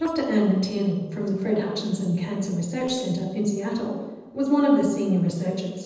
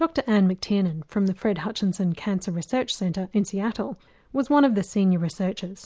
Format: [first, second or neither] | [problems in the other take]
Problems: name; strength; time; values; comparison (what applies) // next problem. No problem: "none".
second | noise reduction (neural separator model SepFormer DNS4)